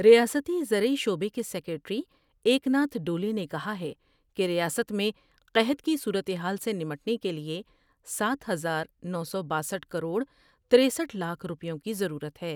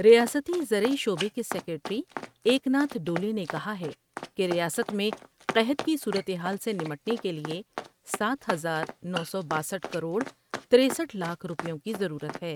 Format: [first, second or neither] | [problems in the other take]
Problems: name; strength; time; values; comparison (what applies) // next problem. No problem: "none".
first | noise reduction (neural mask model RNNoise)